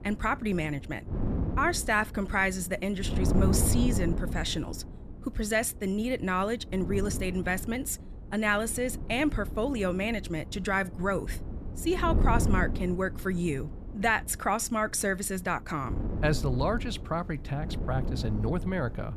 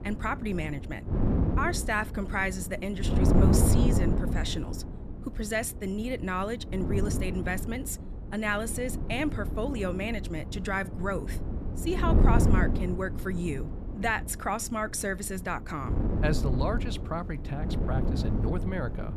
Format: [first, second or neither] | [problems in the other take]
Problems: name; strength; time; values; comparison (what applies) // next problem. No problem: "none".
first | wind noise on the microphone; heavy; 6 dB below the speech; occasional gusts in the first